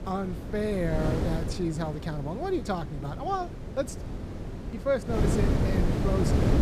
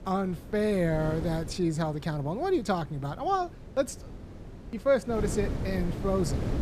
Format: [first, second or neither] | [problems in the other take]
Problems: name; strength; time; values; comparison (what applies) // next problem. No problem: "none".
second | wind noise on the microphone; heavy; 4 dB below the speech; occasional gusts in the second